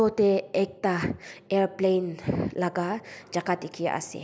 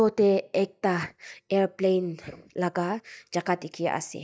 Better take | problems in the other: first | noise reduction (neural mask model DeepFilterNet 3)

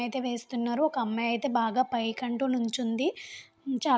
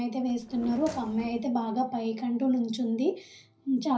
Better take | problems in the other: first | background sound (Drawer open or close); 15 dB below the speech // room echo; dies away in 0.5 s

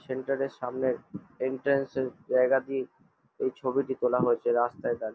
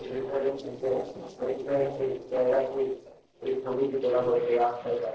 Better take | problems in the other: first | noise reduction (neural separator model SepFormer DNS4)

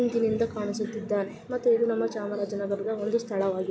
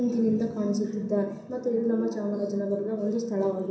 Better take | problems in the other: first | room echo; dies away in 0.7 s

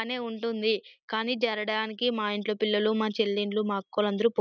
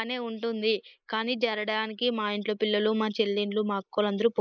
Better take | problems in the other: first | noise reduction (neural mask model Resemble Enhance denoiser)

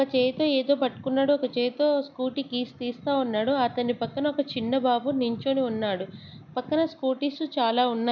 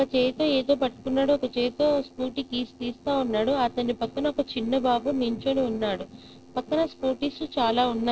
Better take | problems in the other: first | noise reduction (neural separator model SepFormer DNS4)

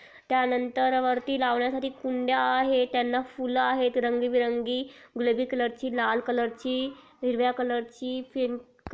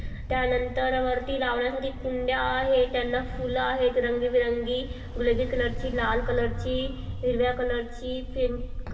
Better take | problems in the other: first | background sound (Ocean); 7 dB below the speech // room echo; dies away in 1.8 s

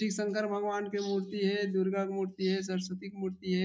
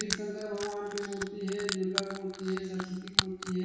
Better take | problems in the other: first | background sound (Crushing); 2 dB below the speech // room echo; dies away in 1.1 s

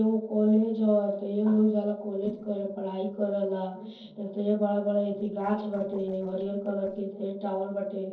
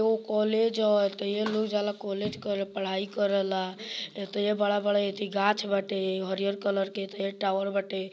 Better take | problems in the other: second | noise reduction (neural separator model SepFormer DNS4)

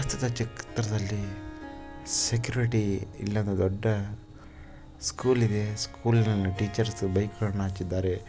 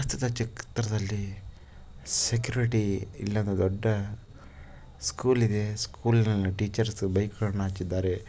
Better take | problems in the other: second | background sound (Harp); 18 dB below the speech

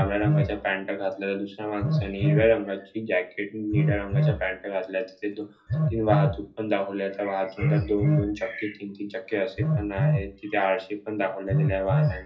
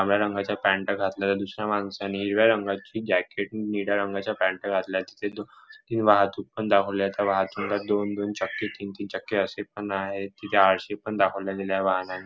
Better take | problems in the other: second | background sound (Telephone); as loud as the speech // room echo; dies away in 0.3 s

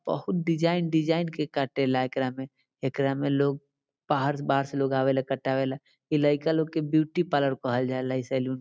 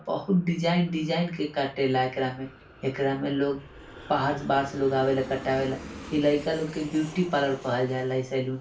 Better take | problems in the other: first | background sound (Aircraft); 17 dB below the speech // room echo; dies away in 0.3 s

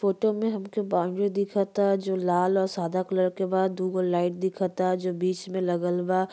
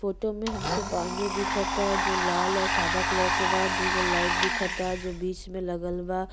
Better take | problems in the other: first | background sound (Domestic sounds, home sounds); 2 dB above the speech

